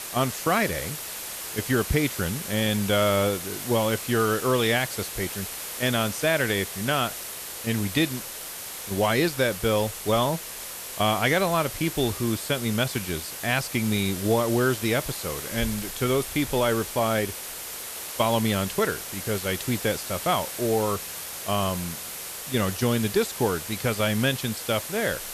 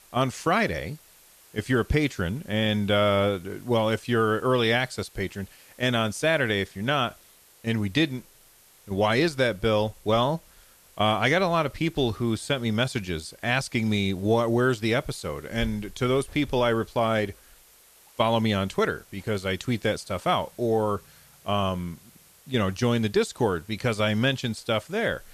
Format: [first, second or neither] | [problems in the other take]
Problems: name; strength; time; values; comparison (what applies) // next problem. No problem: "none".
second | hiss; loud; throughout; 7 dB below the speech; faint in the second